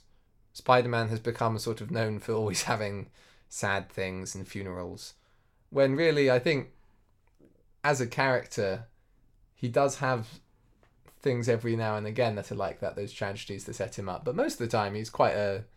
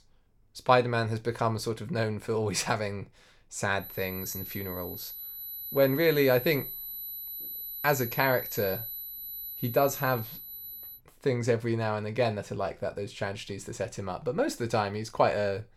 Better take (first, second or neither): first